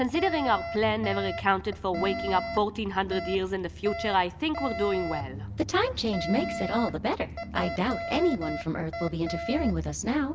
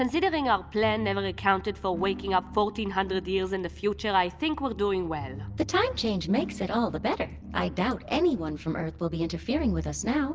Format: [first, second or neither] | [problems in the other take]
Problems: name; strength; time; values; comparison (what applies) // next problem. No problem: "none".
second | background sound (Alarm); 9 dB below the speech